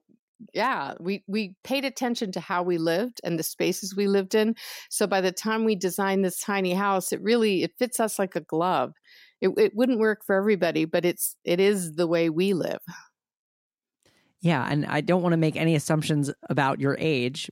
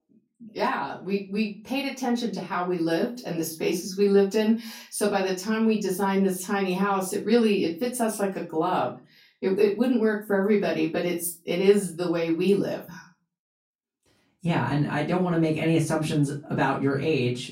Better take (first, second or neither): first